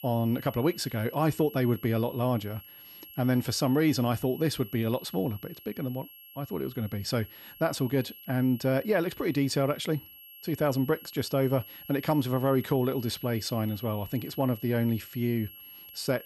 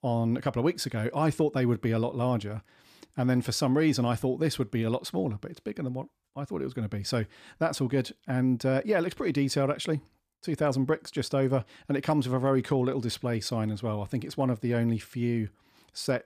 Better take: second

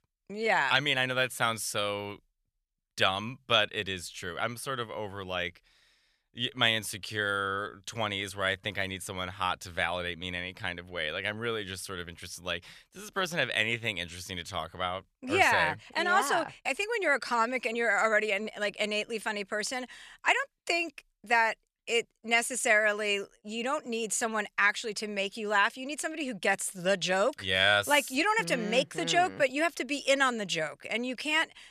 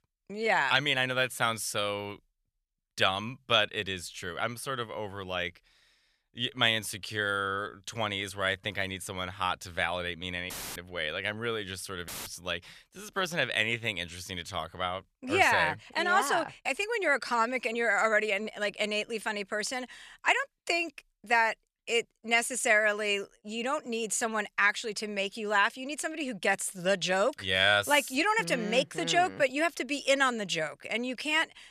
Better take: first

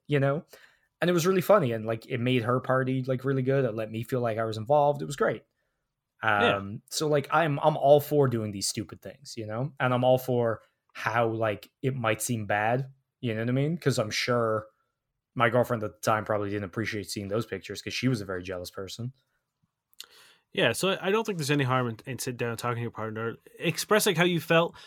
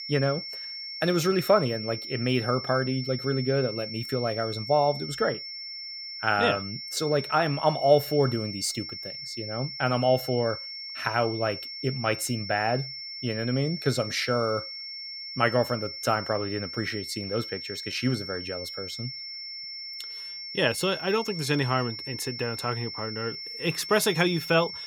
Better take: first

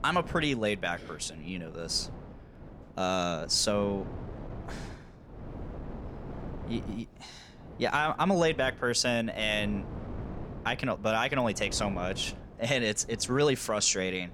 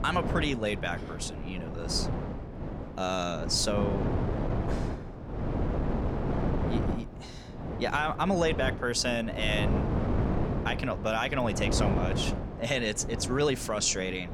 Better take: first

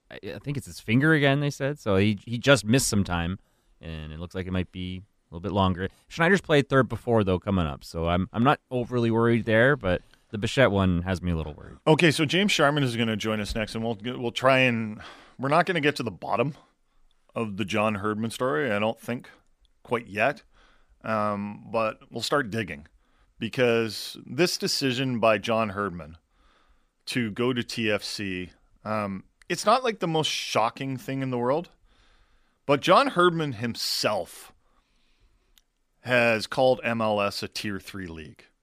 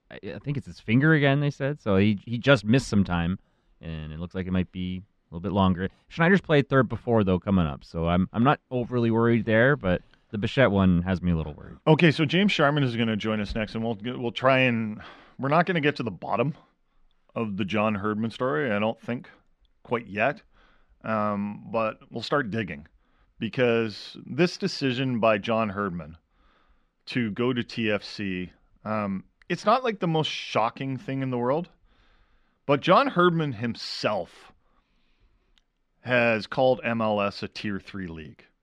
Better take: first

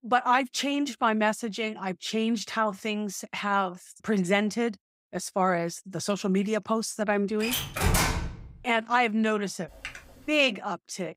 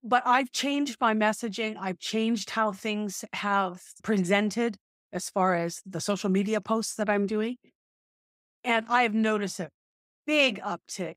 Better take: second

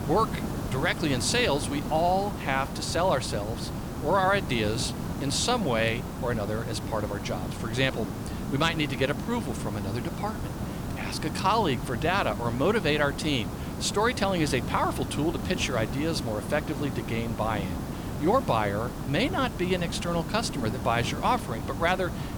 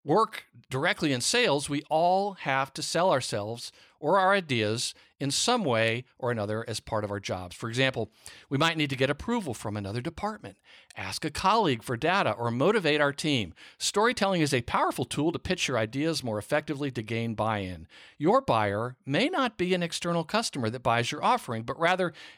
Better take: second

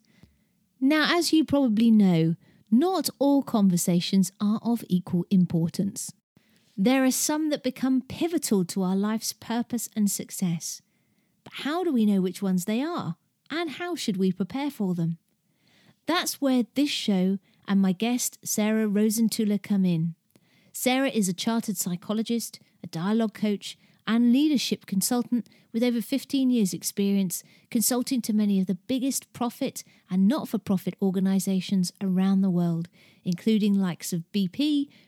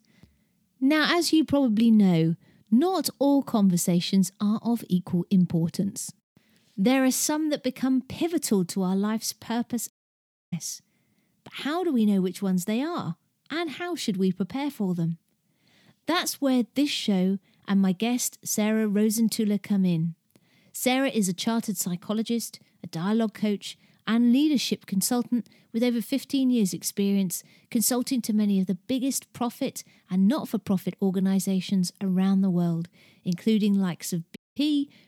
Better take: first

